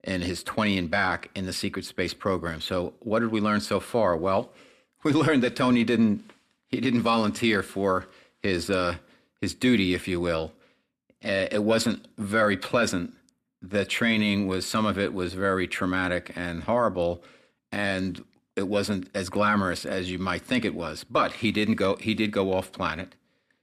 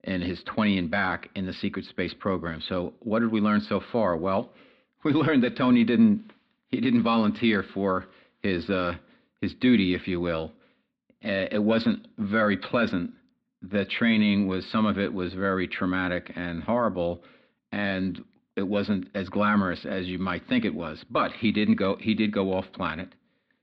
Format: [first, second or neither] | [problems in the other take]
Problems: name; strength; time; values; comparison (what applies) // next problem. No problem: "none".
first | muffled; very slightly; fading above 4 kHz